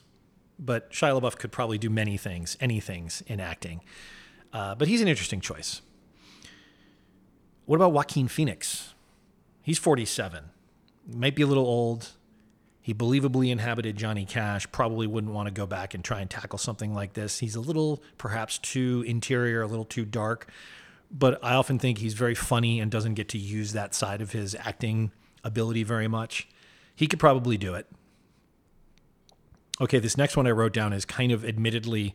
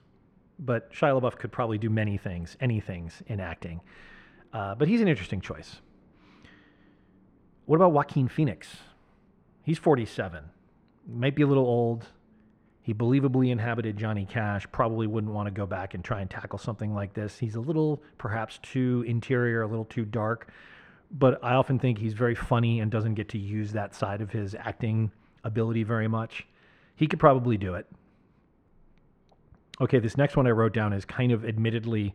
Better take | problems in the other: first | muffled; very; fading above 3.5 kHz

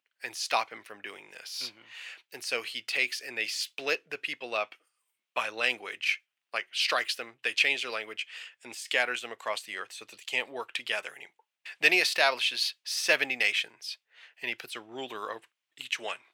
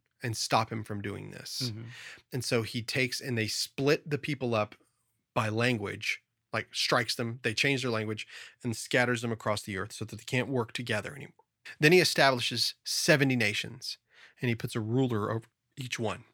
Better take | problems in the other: second | thin; very; fading below 650 Hz

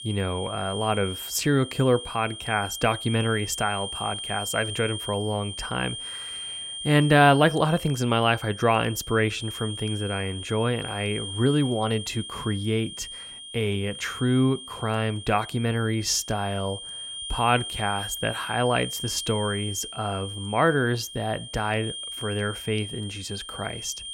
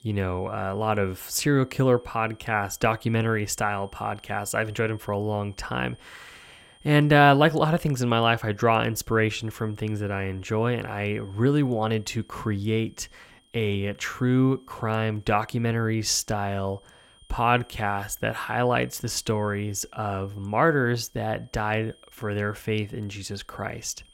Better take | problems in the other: second | high-pitched whine; loud; throughout; 3 kHz, 9 dB below the speech; faint in the second

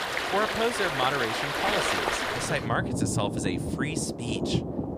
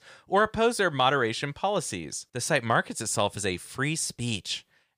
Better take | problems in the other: second | rain or running water; very loud; throughout; 2 dB above the speech

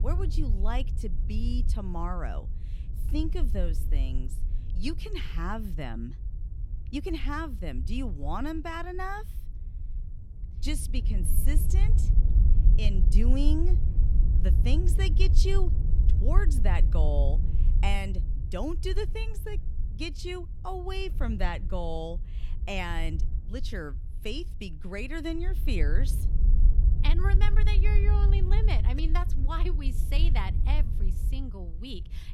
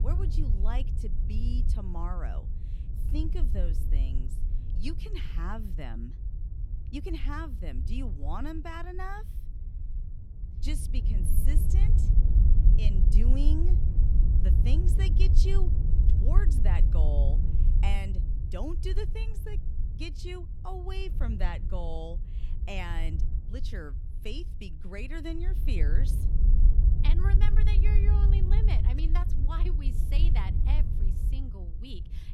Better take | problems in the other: first | wind noise on the microphone; heavy; 5 dB below the speech; occasional gusts in the first

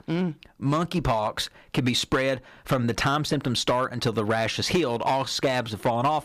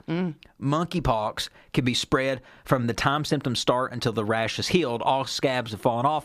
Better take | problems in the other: second | distortion; slight; 4% of the sound clipped

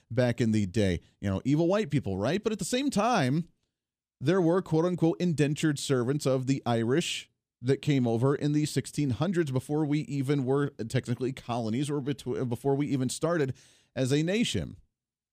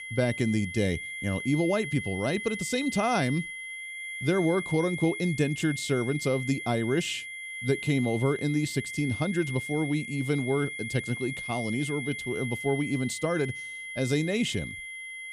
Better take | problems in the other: first | high-pitched whine; loud; throughout; 2 kHz, 7 dB below the speech

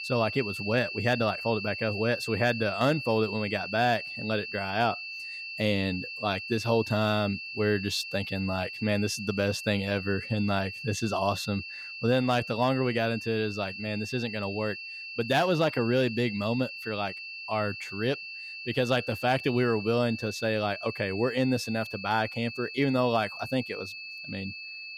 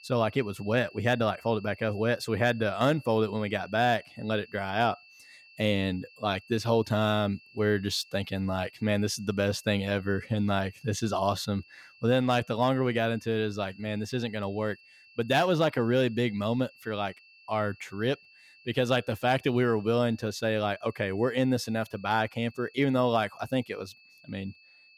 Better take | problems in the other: second | high-pitched whine; loud; throughout; 2.5 kHz, 8 dB below the speech; faint in the second

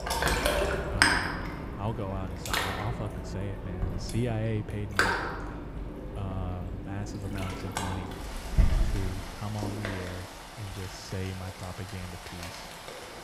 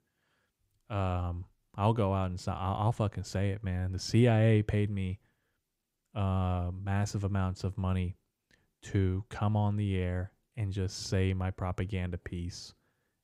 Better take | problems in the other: second | rain or running water; very loud; throughout; 5 dB above the speech

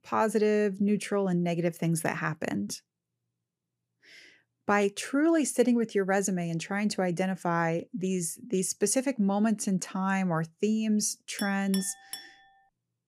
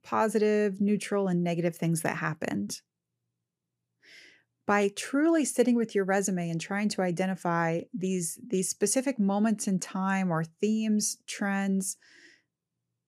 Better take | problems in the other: second | clattering dishes; faint; at 11 s; peak 10 dB below the speech

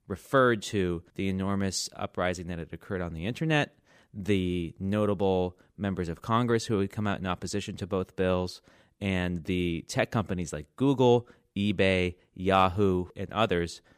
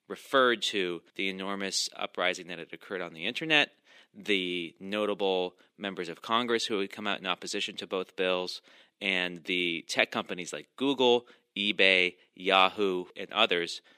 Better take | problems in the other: first | thin; somewhat; fading below 250 Hz

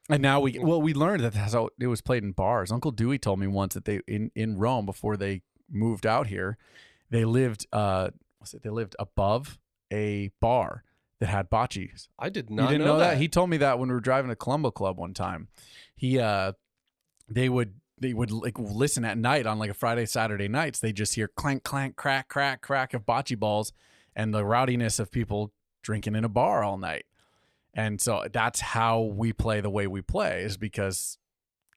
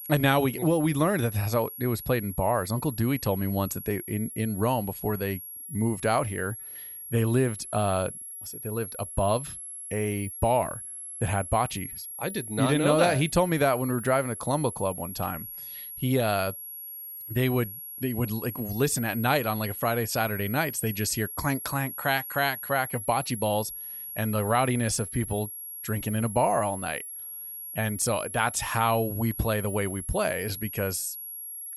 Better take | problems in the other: first | high-pitched whine; loud; throughout; 11.5 kHz, 9 dB below the speech

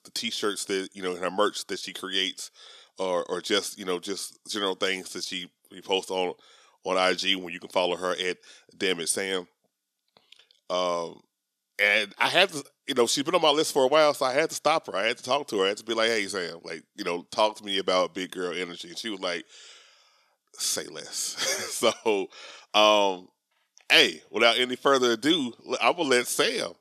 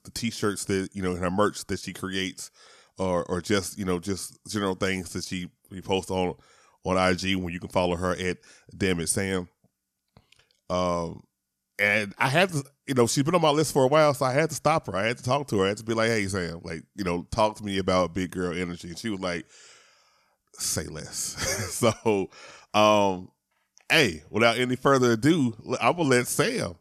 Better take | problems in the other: second | thin; somewhat; fading below 350 Hz

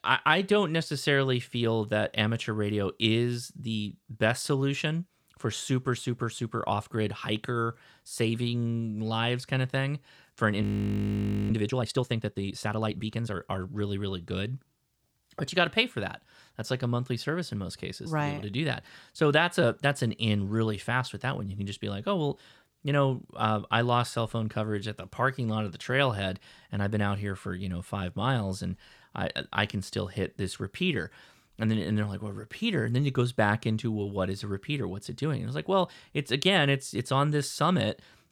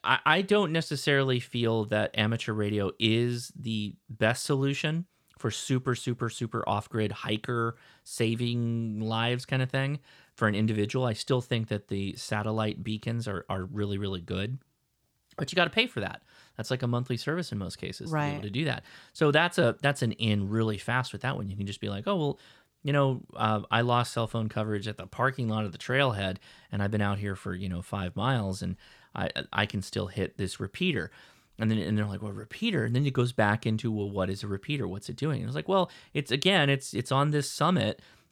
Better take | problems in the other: second | audio freezing; at 11 s for 1 s

